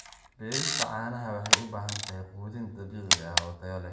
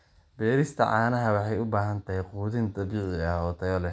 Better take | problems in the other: second | background sound (Camera); 5 dB above the speech // room echo; dies away in 1 s

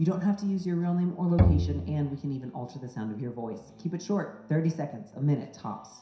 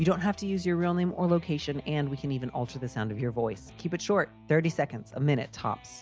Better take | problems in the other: second | background sound (Bowed string instrument); 3 dB above the speech // room echo; dies away in 0.7 s

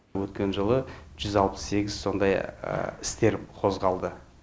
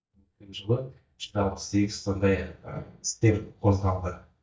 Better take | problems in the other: first | noise reduction (neural mask model DeepFilterNet 3)

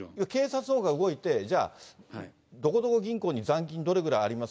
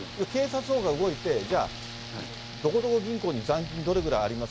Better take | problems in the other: first | background sound (Bowed string instrument + Rain); 11 dB below the speech

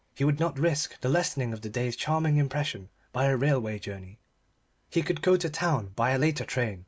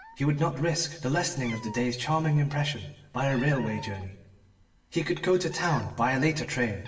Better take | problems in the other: first | background sound (Cat); 19 dB below the speech // room echo; dies away in 0.9 s

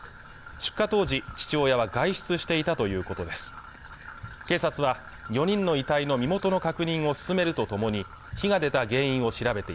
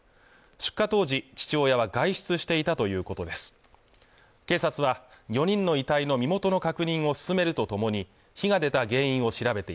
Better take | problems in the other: second | background sound (Trickle, dribble / Traffic noise, roadway noise); 16 dB below the speech

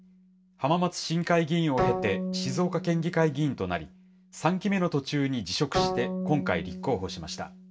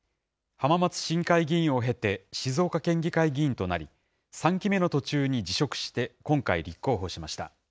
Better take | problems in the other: second | background sound (Bowed string instrument); 7 dB below the speech // room echo; dies away in 0.2 s

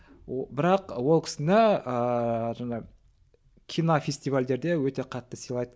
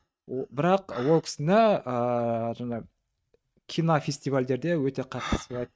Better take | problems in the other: first | noise reduction (neural mask model RNNoise)

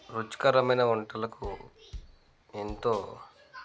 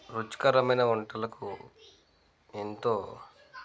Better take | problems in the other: second | background sound (Bass drum); 17 dB below the speech

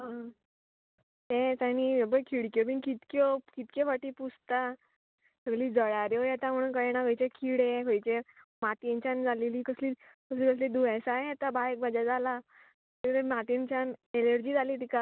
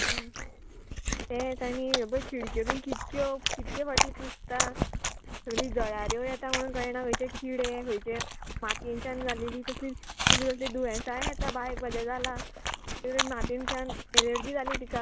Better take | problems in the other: first | background sound (Chewing, mastication); 1 dB above the speech

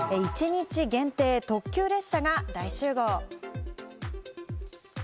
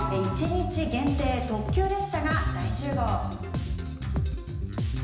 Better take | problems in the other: first | background sound (Bass guitar); 1 dB below the speech // room echo; dies away in 1 s

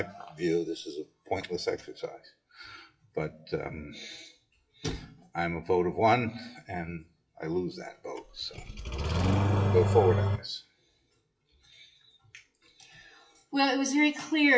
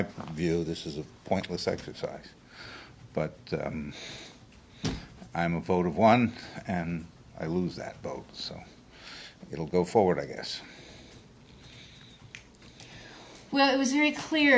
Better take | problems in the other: second | noise reduction (classical method WPE with log-MMSE)

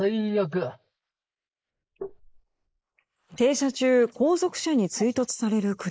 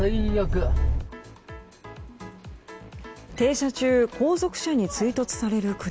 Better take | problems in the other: second | noise reduction (neural mask model Resemble Enhance denoiser)

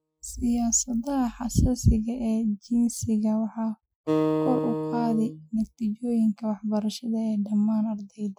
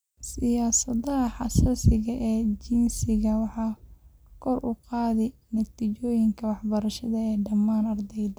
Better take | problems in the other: second | noise reduction (classical method Wiener filter)

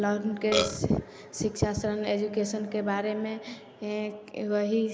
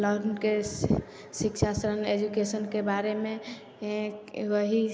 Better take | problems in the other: second | background sound (Burping, eructation); 1 dB above the speech

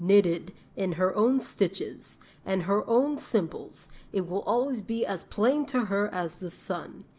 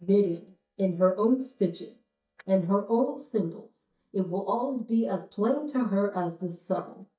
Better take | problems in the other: first | noise reduction (neural mask model DeepFilterNet 3)

